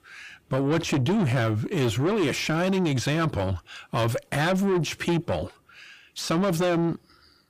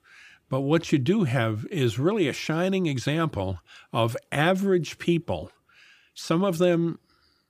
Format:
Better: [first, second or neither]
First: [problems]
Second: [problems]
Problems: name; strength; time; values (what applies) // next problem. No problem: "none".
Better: second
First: distortion; heavy; 7 dB below the speech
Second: none